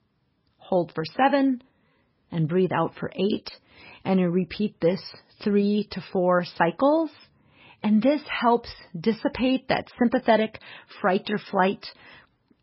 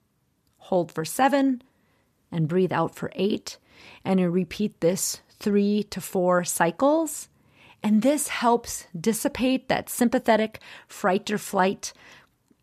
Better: second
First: garbled, watery; badly; nothing above 5.5 kHz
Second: none

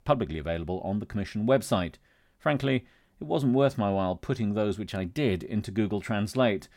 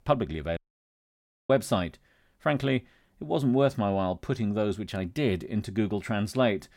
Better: first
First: none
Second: audio cutting out; at 0.5 s for 1 s

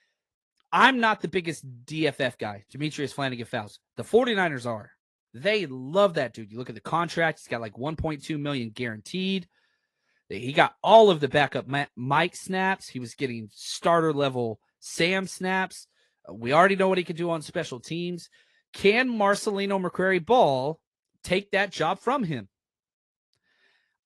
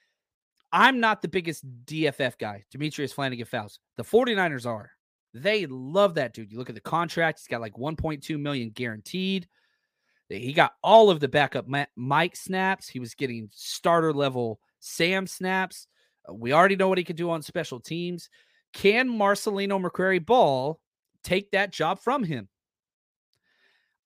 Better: second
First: garbled, watery; slightly; nothing above 11.5 kHz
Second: none

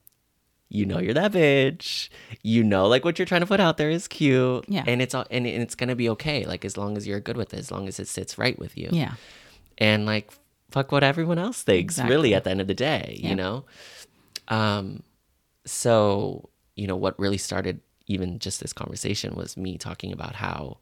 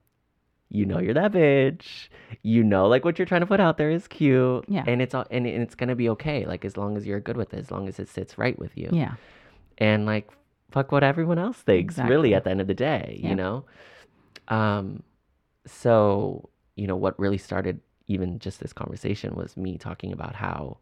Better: first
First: none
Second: muffled; very; fading above 3.5 kHz

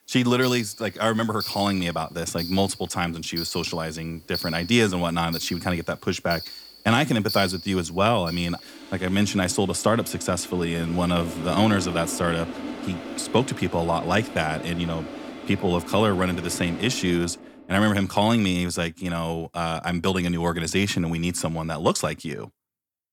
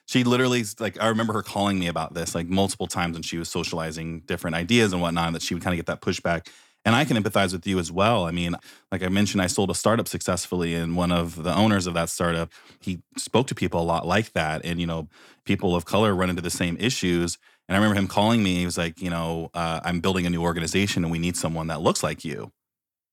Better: second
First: household noises; noticeable; until 17 s; 10 dB below the speech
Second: none

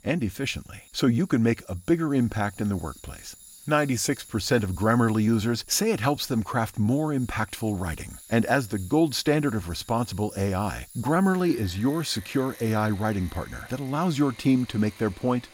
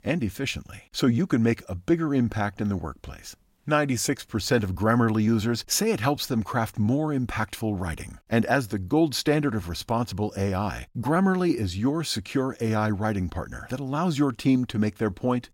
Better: second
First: machinery noise; faint; throughout; 20 dB below the speech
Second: none

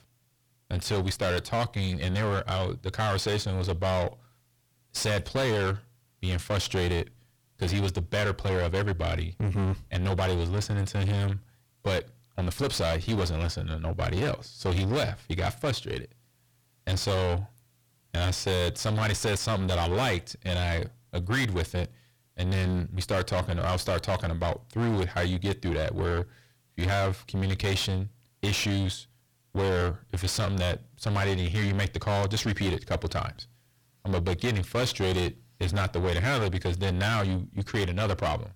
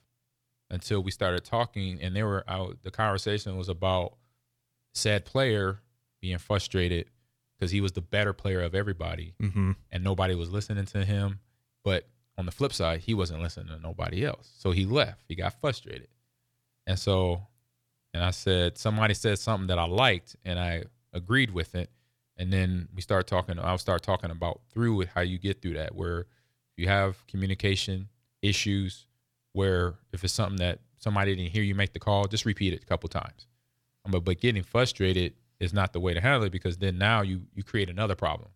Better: second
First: distortion; heavy; 5 dB below the speech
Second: none

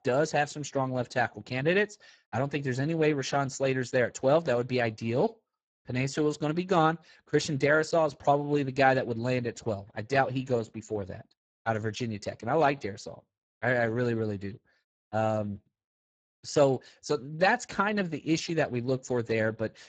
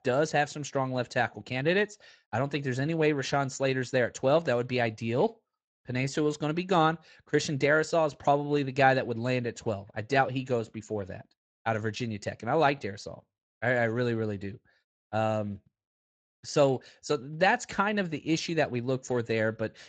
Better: second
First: garbled, watery; badly; nothing above 7.5 kHz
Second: garbled, watery; slightly; nothing above 7.5 kHz

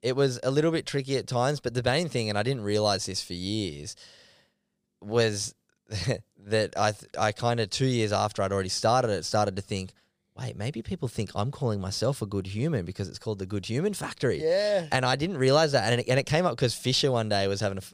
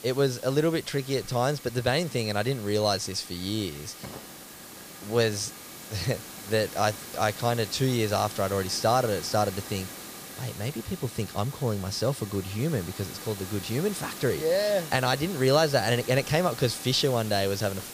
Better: first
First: none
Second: hiss; noticeable; throughout; 10 dB below the speech

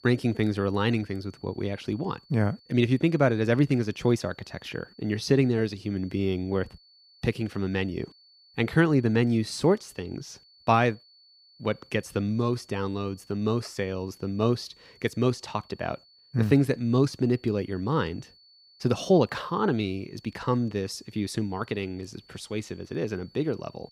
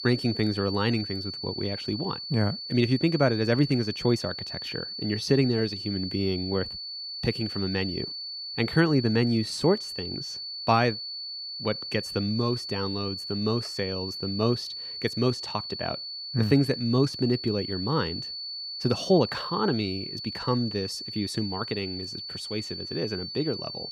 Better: first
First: high-pitched whine; faint; throughout; 4.5 kHz, 30 dB below the speech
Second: high-pitched whine; loud; throughout; 4.5 kHz, 6 dB below the speech

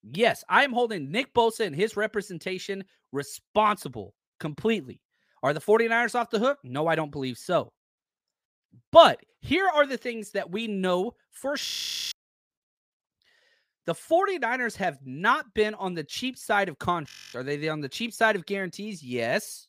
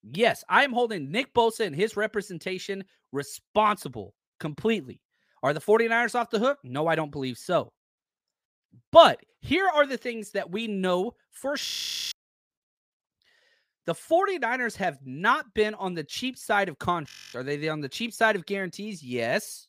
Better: neither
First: audio freezing; at 12 s and at 17 s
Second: audio freezing; at 12 s and at 17 s

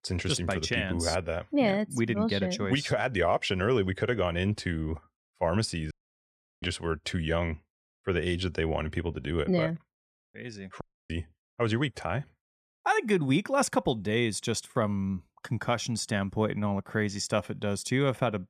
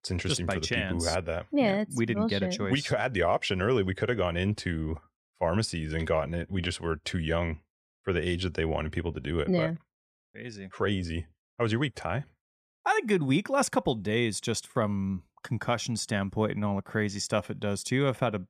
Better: second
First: audio cutting out; at 6 s for 0.5 s and at 11 s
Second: none

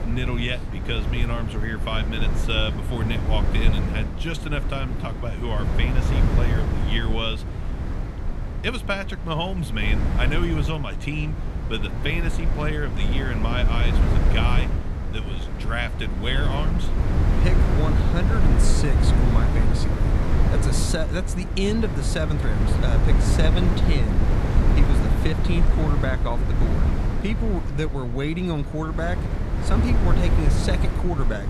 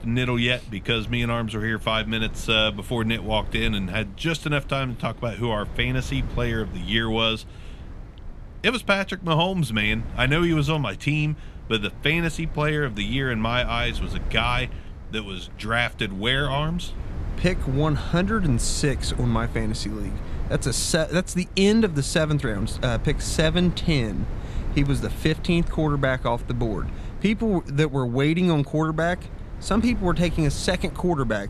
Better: second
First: wind noise on the microphone; heavy; 4 dB below the speech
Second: wind noise on the microphone; occasional gusts; 20 dB below the speech

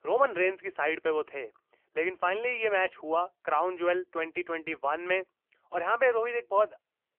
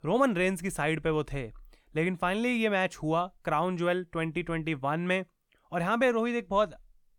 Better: second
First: phone-call audio; poor line; nothing above 2.5 kHz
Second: none

